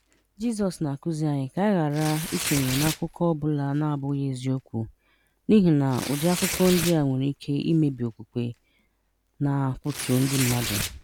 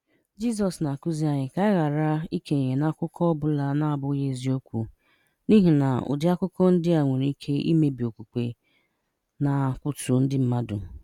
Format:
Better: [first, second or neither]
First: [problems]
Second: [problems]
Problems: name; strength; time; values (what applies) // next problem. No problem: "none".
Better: second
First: background sound (Tearing); 11 dB below the speech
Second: none